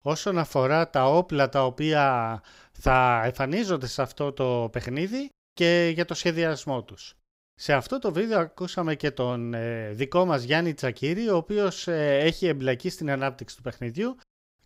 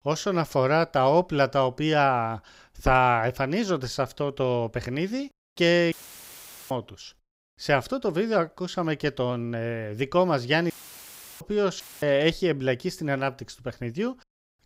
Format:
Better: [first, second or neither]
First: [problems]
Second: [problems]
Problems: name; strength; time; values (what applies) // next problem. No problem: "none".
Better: first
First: none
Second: audio cutting out; filled with static; at 6 s for 1 s, at 11 s for 0.5 s and at 12 s